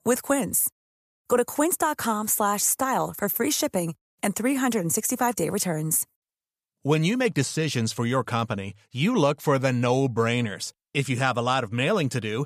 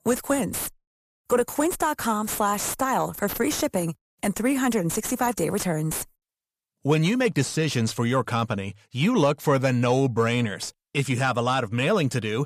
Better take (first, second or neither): first